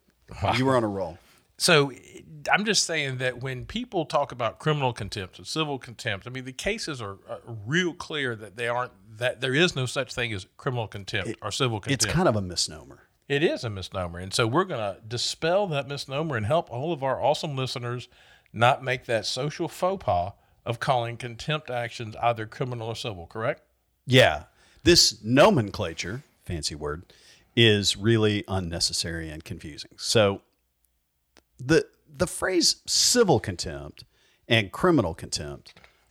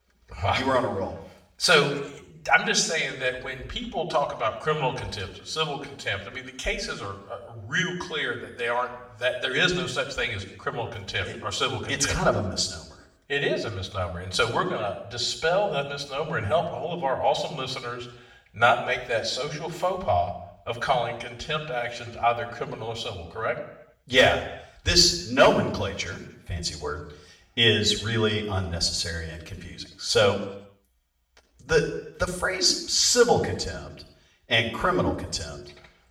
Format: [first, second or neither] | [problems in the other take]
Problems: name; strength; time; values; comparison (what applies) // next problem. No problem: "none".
first | room echo; slight; dies away in 0.7 s // off-mic speech; far